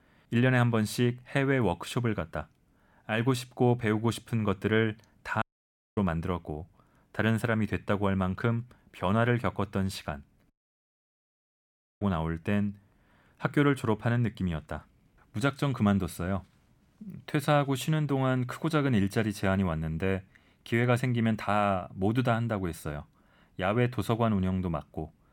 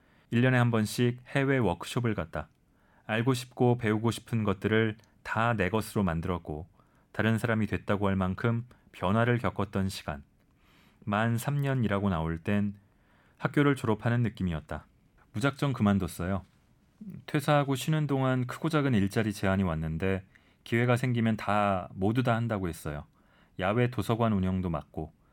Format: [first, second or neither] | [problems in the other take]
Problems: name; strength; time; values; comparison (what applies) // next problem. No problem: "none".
second | audio cutting out; at 5.5 s for 0.5 s and at 11 s for 1.5 s